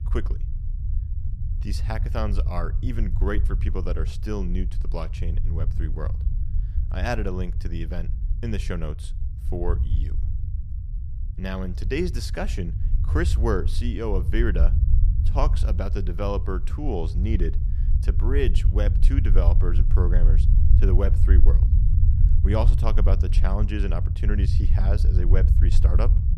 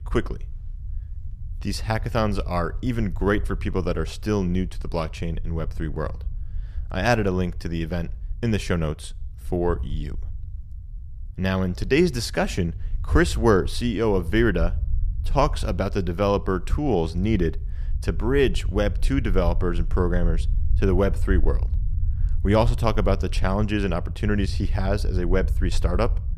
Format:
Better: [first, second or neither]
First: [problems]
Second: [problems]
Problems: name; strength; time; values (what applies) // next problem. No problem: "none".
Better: second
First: low rumble; loud; throughout; 9 dB below the speech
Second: low rumble; faint; throughout; 25 dB below the speech